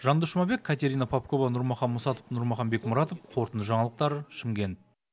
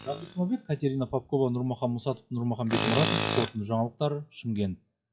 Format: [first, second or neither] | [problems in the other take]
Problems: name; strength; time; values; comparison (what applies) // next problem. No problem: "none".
first | noise reduction (classical method WPE with log-MMSE)